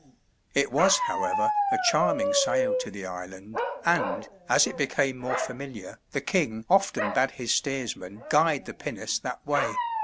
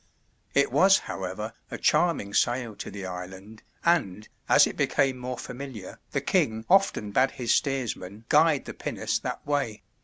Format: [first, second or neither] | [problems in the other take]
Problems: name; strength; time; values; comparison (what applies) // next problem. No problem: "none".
second | background sound (Bark); 3 dB below the speech